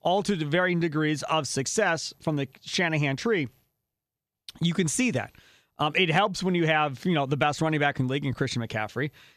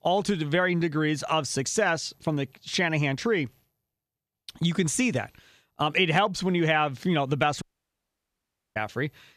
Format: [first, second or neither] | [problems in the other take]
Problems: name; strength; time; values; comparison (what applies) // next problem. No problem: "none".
first | audio cutting out; at 7.5 s for 1 s